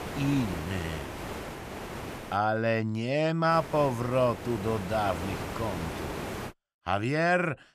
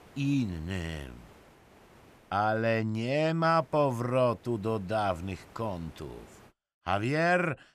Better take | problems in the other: second | hiss; loud; until 2.5 s and from 3.5 to 6.5 s; 9 dB below the speech; faint in the second

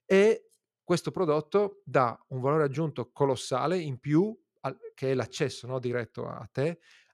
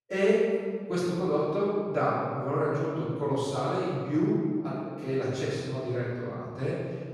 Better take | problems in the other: first | room echo; strong; dies away in 1.8 s // off-mic speech; far

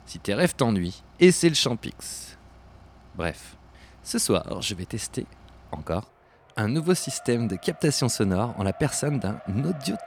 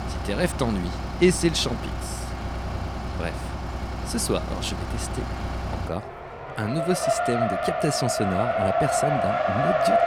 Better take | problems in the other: first | traffic noise; loud; throughout; 1 dB below the speech; faint in the first

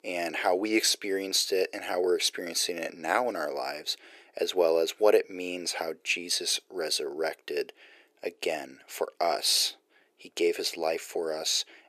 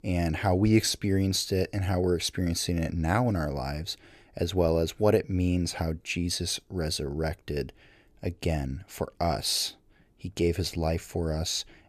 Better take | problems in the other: second | thin; very; fading below 400 Hz

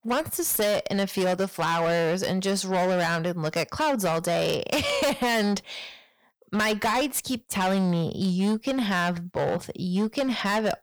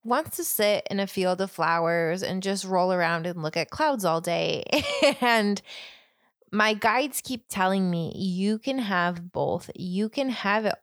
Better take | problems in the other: second | distortion; heavy; 19% of the sound clipped

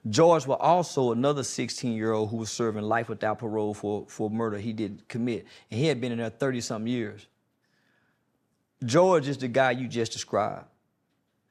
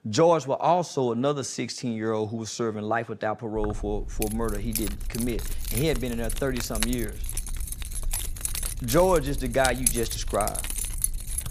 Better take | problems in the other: first | jangling keys; loud; from 3.5 s on; peak 2 dB above the speech

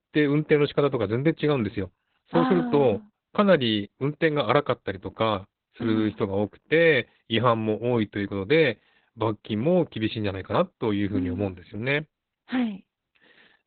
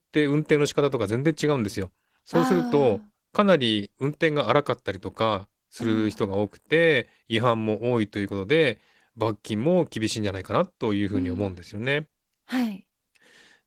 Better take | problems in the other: second | garbled, watery; badly; nothing above 4 kHz; slightly in the second

